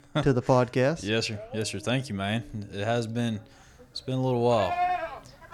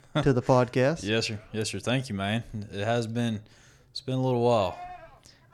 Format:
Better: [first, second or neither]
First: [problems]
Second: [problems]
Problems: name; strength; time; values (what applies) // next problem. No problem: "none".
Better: second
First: animal sounds; loud; throughout; 5 dB below the speech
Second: animal sounds; faint; throughout; 20 dB below the speech